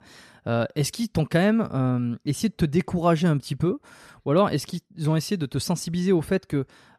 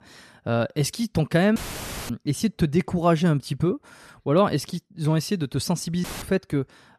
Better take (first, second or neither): first